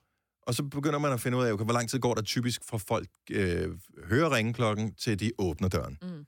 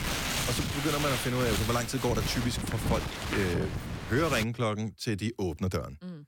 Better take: first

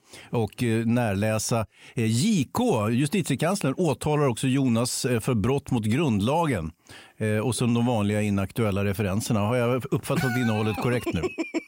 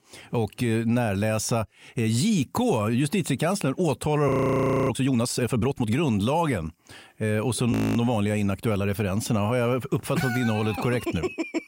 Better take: first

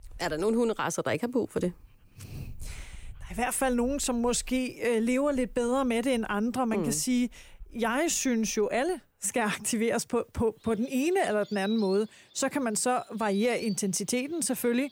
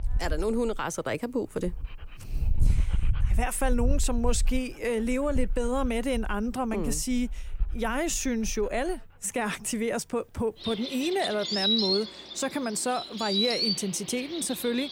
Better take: first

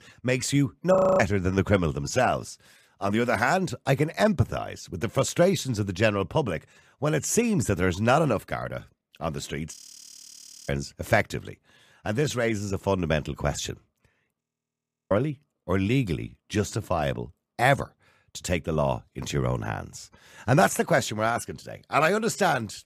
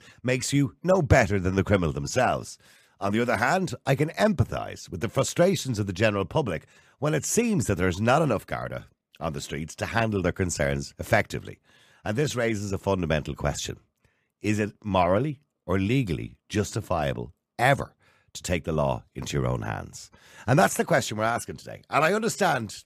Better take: second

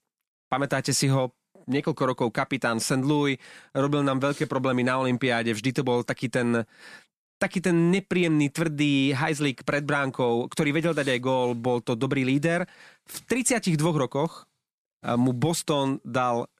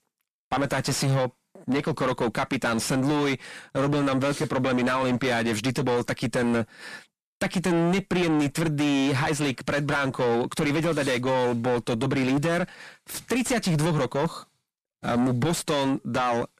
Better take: first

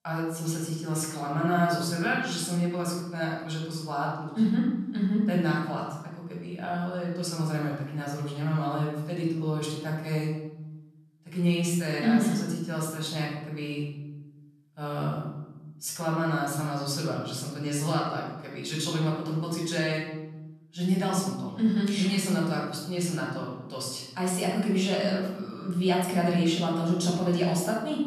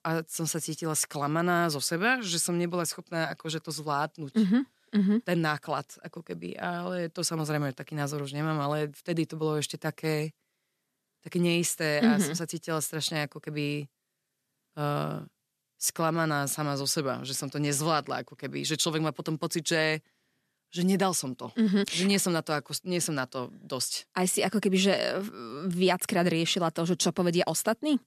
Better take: second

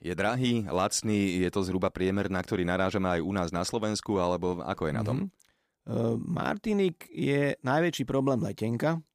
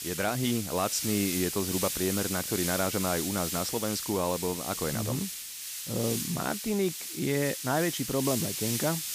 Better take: first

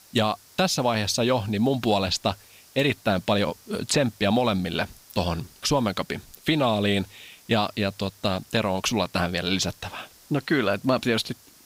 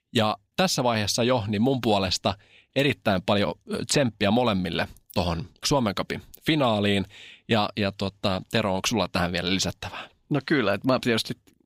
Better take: second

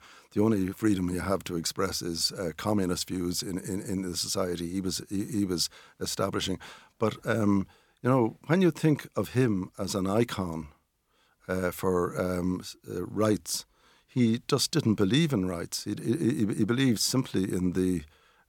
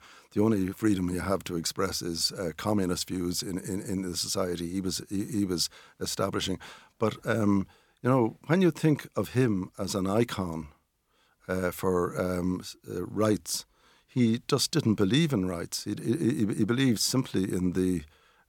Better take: neither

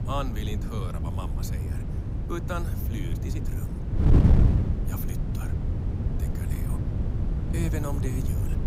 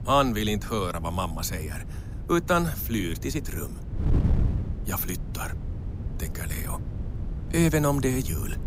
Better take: second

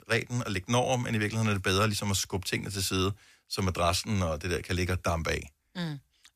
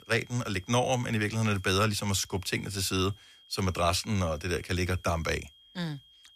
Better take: first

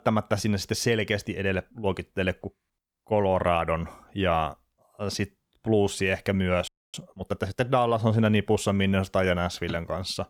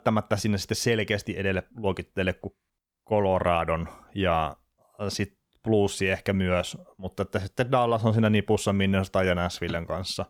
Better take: second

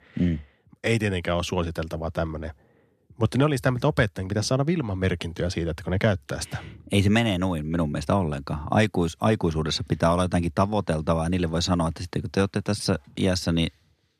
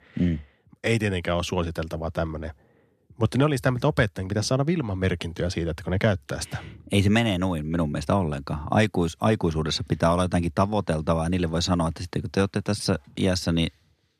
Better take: neither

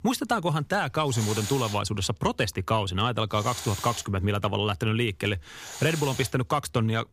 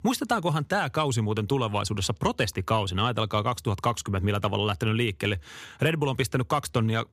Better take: second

